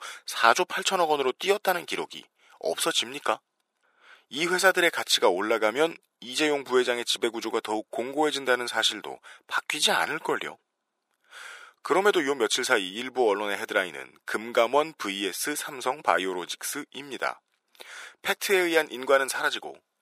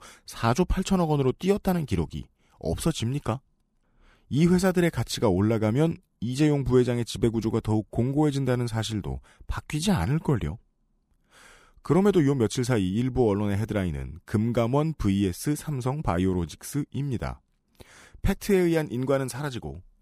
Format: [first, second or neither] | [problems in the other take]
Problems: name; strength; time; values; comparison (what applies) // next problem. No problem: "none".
second | thin; very; fading below 500 Hz